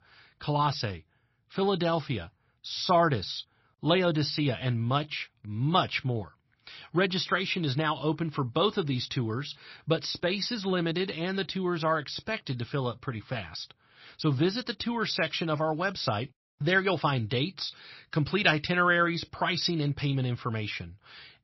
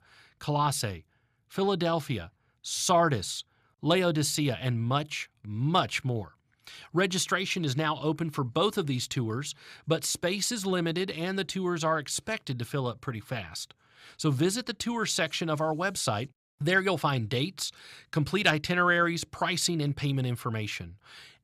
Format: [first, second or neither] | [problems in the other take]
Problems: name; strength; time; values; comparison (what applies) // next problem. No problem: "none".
second | garbled, watery; slightly; nothing above 5.5 kHz